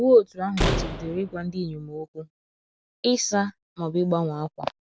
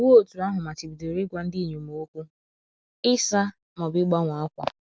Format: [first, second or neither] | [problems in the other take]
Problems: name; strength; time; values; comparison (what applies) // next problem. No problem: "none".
second | background sound (Slam); 4 dB below the speech